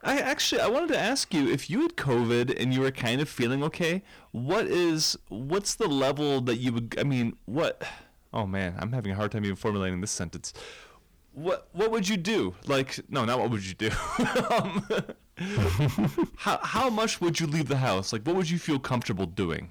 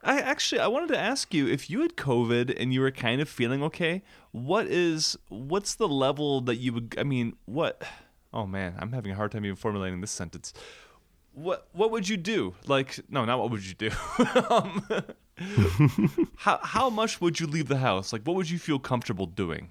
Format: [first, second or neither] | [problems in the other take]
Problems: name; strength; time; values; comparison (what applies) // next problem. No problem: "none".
second | distortion; heavy; 11% of the sound clipped